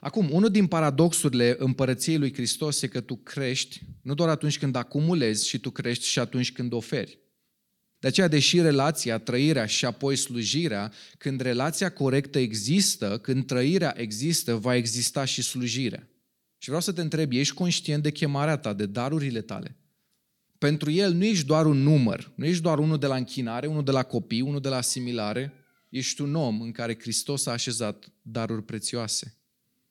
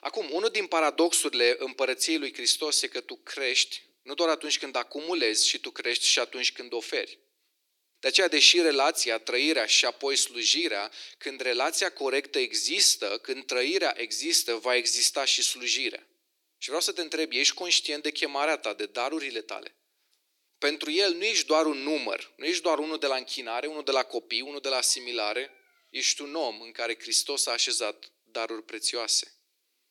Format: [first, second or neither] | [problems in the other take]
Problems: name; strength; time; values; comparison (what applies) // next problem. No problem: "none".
first | thin; very; fading below 300 Hz